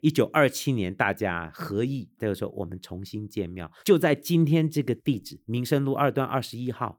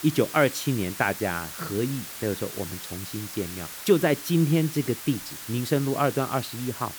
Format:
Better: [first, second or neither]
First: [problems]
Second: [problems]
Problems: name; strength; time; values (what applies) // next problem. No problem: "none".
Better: first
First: none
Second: hiss; loud; throughout; 9 dB below the speech